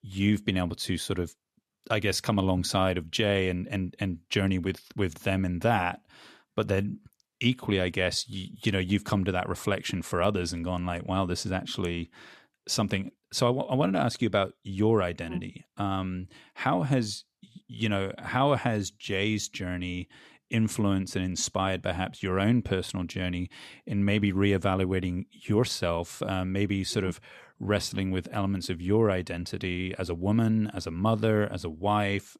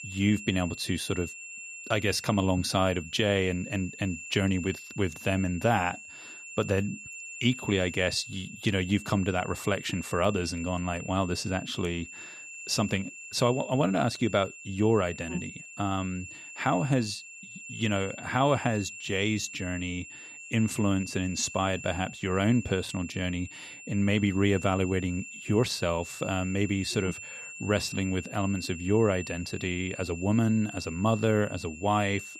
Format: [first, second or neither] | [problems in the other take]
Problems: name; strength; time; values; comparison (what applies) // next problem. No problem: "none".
first | high-pitched whine; noticeable; throughout; 2.5 kHz, 10 dB below the speech